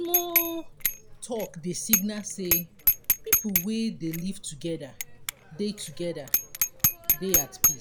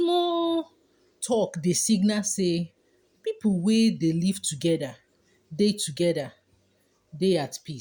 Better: second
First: background sound (Bicycle bell); 5 dB above the speech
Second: none

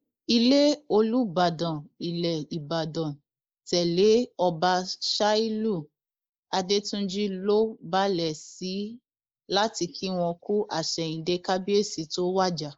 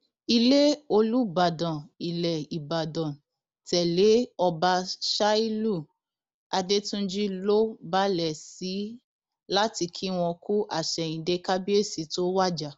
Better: second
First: noise reduction (neural mask model Resemble Enhance denoiser)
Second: none

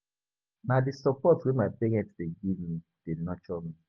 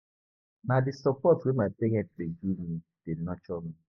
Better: first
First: none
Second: noise reduction (neural mask model Resemble Enhance denoiser)

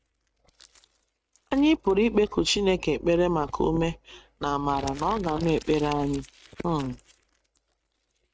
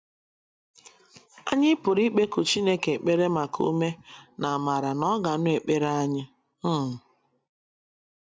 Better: second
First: noise reduction (neural mask model RNNoise)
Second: none

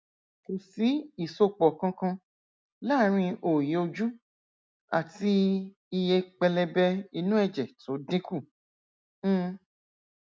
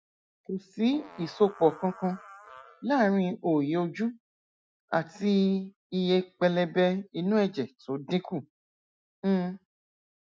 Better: first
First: none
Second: noise reduction (classical method Wiener filter)

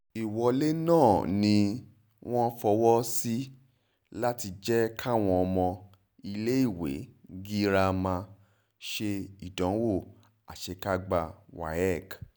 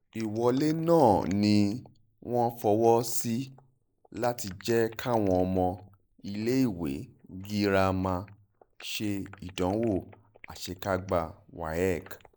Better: first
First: none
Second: noise reduction (neural mask model Resemble Enhance denoiser)

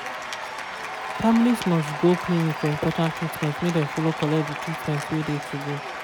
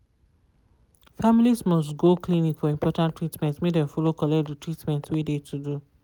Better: second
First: background sound (Applause / Cheering); 7 dB below the speech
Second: none

